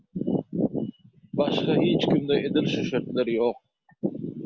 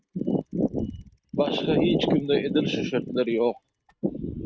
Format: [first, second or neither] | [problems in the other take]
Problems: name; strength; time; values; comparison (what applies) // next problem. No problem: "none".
first | noise reduction (neural mask model RNNoise)